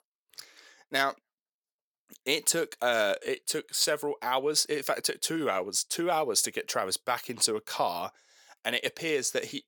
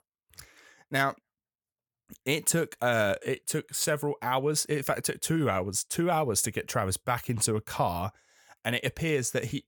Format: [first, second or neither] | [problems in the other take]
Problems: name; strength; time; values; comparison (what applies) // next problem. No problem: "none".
second | thin; somewhat; fading below 350 Hz